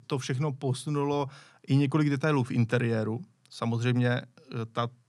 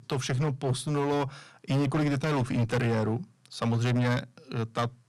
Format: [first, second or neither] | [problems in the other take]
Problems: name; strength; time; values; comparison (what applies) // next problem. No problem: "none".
first | distortion; heavy; 16% of the sound clipped